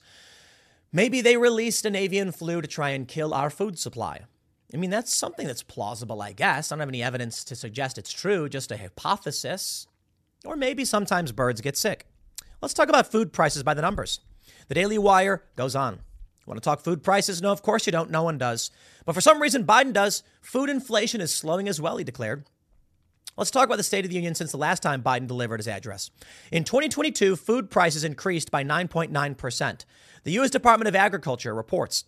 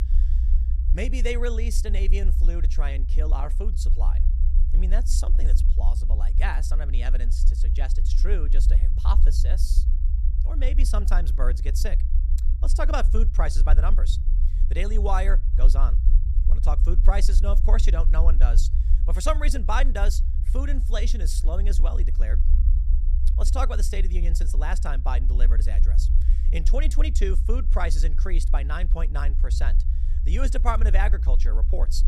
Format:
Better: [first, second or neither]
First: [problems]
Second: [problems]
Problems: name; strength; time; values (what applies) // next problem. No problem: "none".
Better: first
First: none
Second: low rumble; noticeable; throughout; 10 dB below the speech